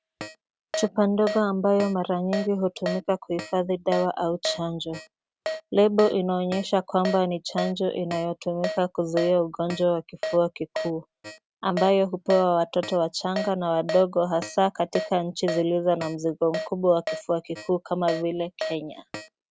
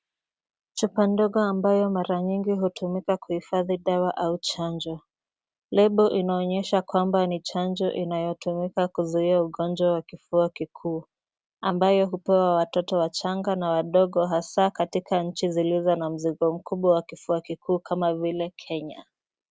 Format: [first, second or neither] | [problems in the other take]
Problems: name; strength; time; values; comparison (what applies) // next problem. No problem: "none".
second | background sound (Keyboard (musical)); 11 dB below the speech